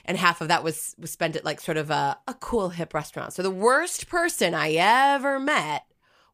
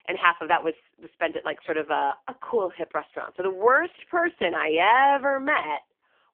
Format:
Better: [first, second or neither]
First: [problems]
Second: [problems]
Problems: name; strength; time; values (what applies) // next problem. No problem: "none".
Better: first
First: none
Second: phone-call audio; poor line; nothing above 3 kHz